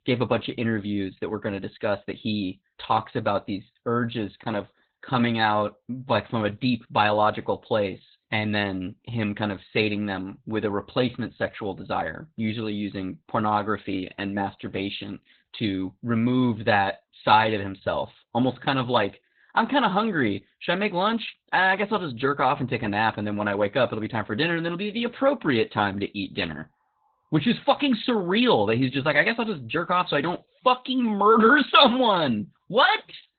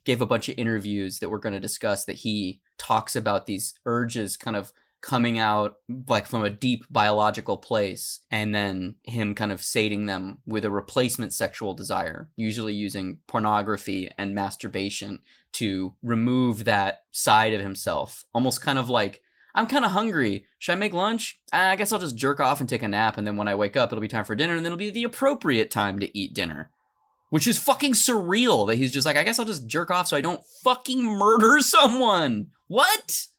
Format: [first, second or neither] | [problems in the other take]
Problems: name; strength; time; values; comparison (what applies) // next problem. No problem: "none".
second | garbled, watery; badly; nothing above 4 kHz; slightly in the second